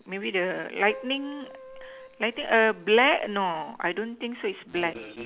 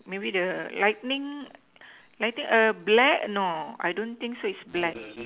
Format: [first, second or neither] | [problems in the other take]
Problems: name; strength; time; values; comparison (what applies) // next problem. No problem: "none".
second | background sound (Keyboard (musical)); 19 dB below the speech